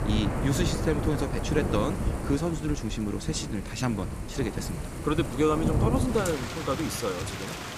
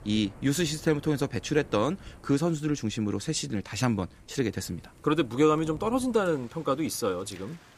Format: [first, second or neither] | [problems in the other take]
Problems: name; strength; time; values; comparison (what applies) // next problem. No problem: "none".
second | rain or running water; loud; throughout; 2 dB below the speech; faint in the second